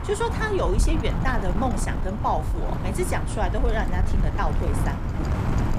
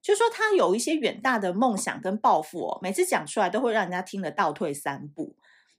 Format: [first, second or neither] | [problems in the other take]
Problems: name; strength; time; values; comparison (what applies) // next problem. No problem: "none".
second | wind noise on the microphone; heavy; 6 dB below the speech